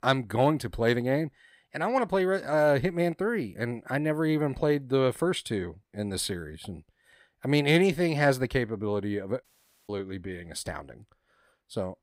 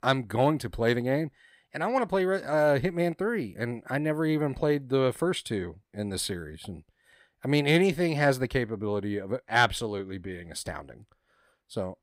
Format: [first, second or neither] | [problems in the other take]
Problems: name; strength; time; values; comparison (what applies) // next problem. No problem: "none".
second | audio cutting out; at 9.5 s